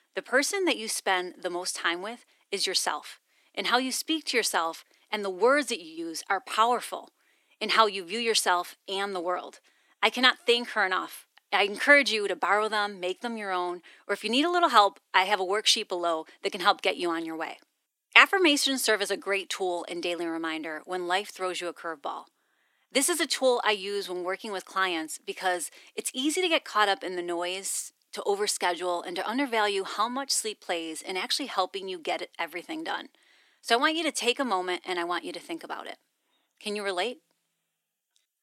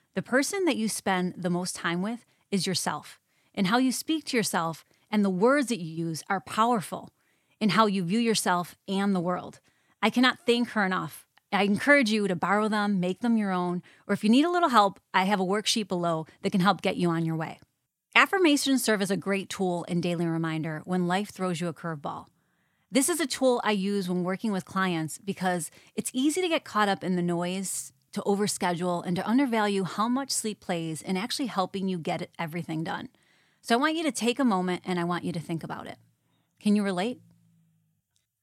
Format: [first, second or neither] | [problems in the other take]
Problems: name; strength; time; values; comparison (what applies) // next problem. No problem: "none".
second | thin; somewhat; fading below 300 Hz